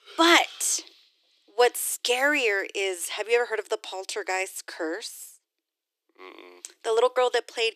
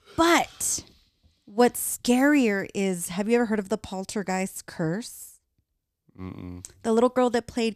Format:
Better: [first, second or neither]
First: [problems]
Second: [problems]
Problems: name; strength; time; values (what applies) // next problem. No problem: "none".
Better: second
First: thin; very; fading below 350 Hz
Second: none